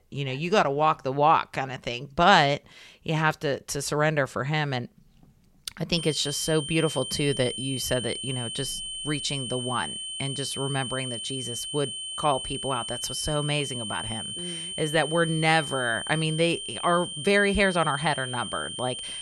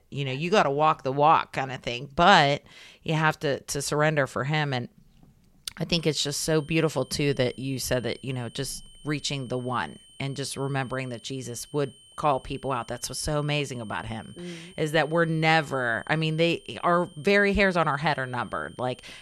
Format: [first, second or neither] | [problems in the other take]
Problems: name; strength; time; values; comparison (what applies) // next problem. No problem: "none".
second | high-pitched whine; loud; from 6 s on; 3 kHz, 6 dB below the speech; faint in the second